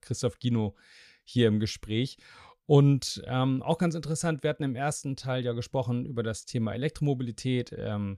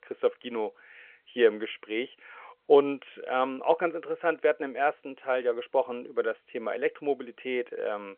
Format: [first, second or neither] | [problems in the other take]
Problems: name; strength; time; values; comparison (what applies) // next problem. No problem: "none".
first | phone-call audio; nothing above 3.5 kHz